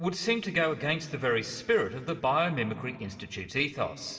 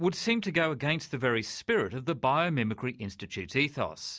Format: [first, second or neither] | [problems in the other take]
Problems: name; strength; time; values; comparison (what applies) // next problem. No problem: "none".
second | room echo; dies away in 1.8 s